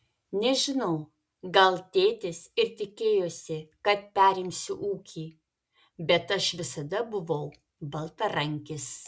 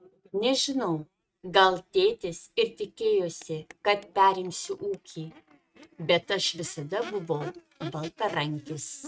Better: first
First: none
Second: noise reduction (neural mask model RNNoise)

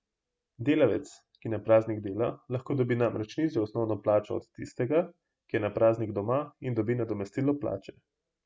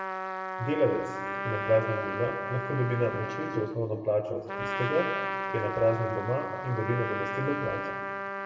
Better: first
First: none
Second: background sound (Trumpet); 4 dB below the speech // room echo; dies away in 2 s

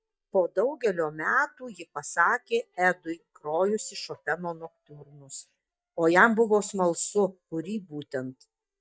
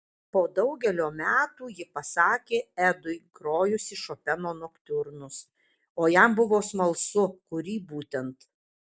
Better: second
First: noise reduction (neural mask model DeepFilterNet 3)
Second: none

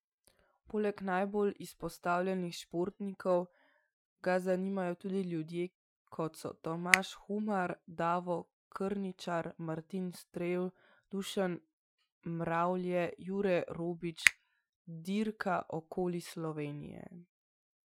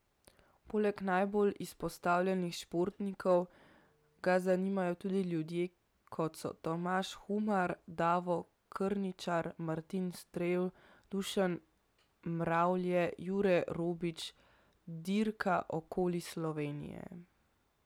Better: second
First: noise reduction (classical method Wiener filter)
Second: none

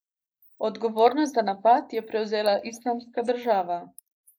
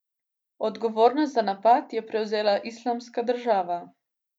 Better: second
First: noise reduction (neural mask model Resemble Enhance denoiser)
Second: none

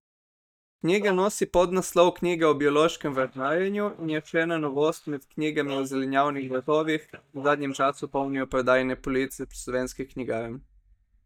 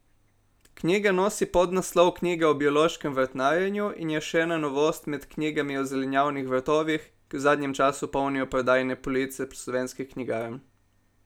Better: second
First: noise reduction (neural mask model DeepFilterNet 3)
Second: none

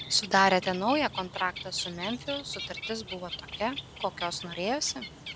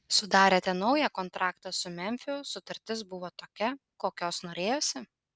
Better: second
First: background sound (Bird); 11 dB below the speech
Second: none

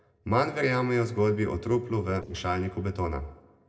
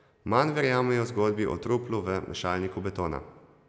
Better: second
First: noise reduction (neural separator model SepFormer DNS4)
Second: none

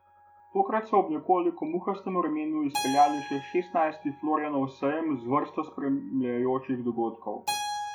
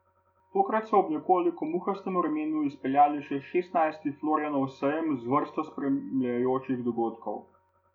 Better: second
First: background sound (Keyboard (musical)); 12 dB below the speech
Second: none

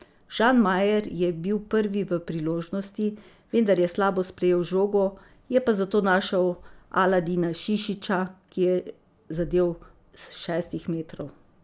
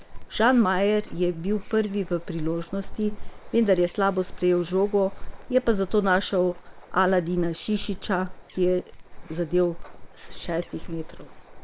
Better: first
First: none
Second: noise reduction (neural separator model SepFormer WHAM!)

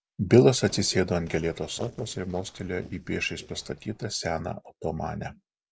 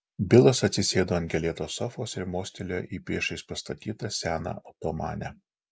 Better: second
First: noise reduction (neural separator model SepFormer DNS4)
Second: none

